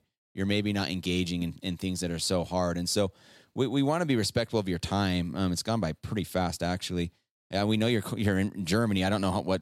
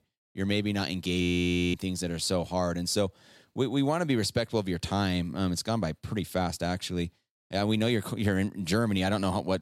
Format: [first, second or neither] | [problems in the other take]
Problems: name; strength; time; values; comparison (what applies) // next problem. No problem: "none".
first | audio freezing; at 1 s for 0.5 s